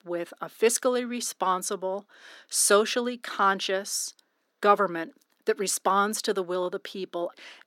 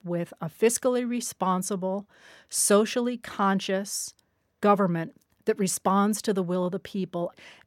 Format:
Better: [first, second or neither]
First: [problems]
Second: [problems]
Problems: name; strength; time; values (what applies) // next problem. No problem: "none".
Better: second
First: thin; somewhat; fading below 300 Hz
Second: none